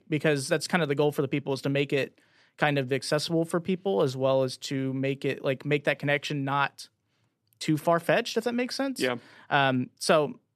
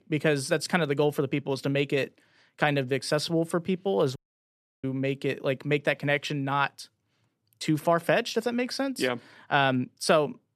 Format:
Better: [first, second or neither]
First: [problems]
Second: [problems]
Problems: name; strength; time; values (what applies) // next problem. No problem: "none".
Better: first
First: none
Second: audio cutting out; at 4 s for 0.5 s